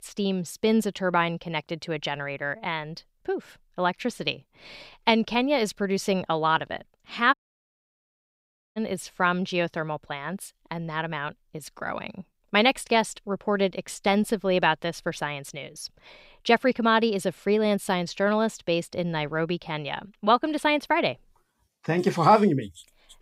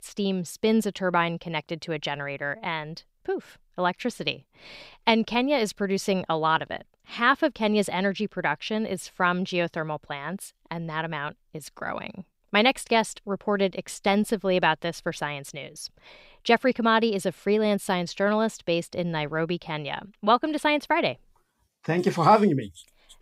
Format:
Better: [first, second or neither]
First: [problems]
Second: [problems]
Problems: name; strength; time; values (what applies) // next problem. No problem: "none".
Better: second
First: audio cutting out; at 7.5 s for 1.5 s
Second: none